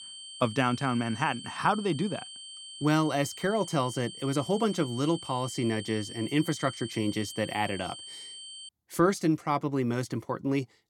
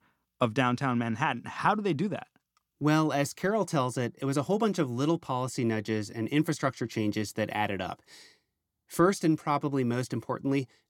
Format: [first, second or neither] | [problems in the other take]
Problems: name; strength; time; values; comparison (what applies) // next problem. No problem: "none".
second | high-pitched whine; noticeable; until 8.5 s; 3 kHz, 10 dB below the speech